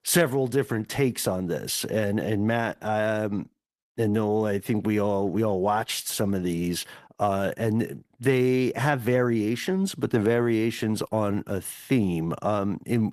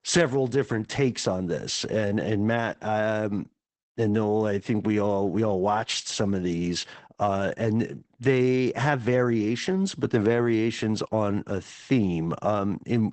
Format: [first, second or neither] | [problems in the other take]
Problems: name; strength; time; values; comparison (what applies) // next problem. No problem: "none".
first | garbled, watery; badly; nothing above 8 kHz; slightly in the first